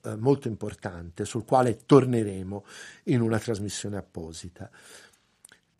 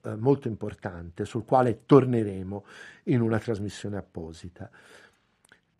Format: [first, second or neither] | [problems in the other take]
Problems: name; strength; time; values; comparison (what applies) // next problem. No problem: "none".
first | muffled; slightly; fading above 4 kHz